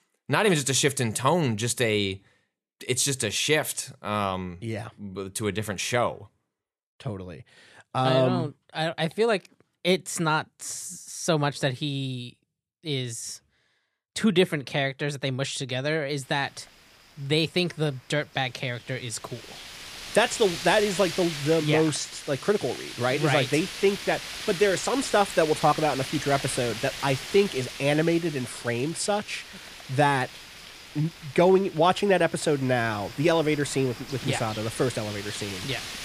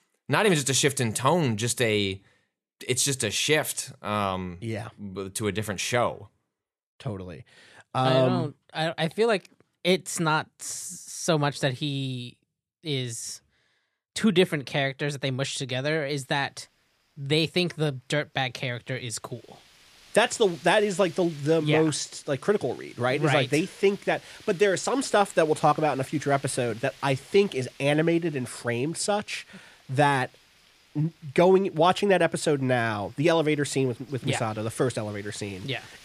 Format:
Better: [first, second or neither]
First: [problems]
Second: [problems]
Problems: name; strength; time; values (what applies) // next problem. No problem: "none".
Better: second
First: wind noise on the microphone; heavy; from 16 s on; 10 dB below the speech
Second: wind noise on the microphone; occasional gusts; from 16 s on; 25 dB below the speech